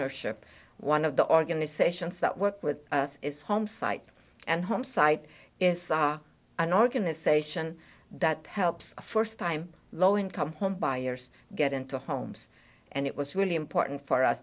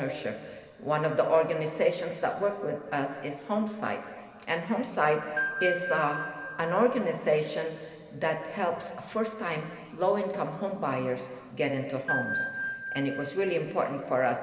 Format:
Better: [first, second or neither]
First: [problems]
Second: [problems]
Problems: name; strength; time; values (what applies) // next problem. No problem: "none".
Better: first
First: none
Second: background sound (Ringtone / Bell); 5 dB below the speech // room echo; dies away in 2.1 s